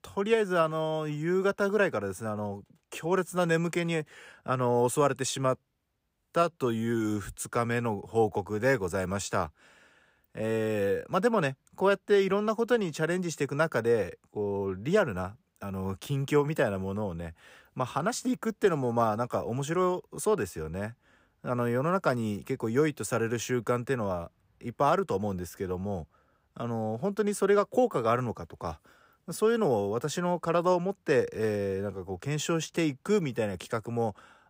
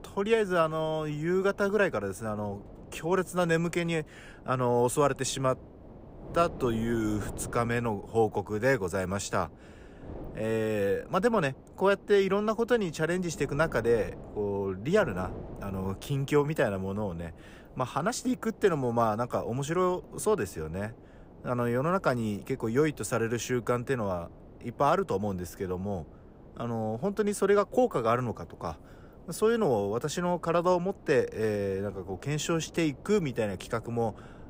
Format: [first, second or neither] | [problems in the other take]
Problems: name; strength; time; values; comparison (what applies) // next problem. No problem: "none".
first | wind noise on the microphone; occasional gusts; 20 dB below the speech